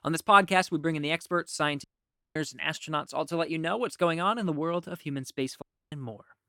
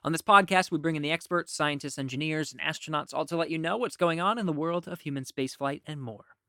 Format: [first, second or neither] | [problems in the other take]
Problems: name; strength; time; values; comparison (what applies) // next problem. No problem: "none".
second | audio cutting out; at 2 s for 0.5 s and at 5.5 s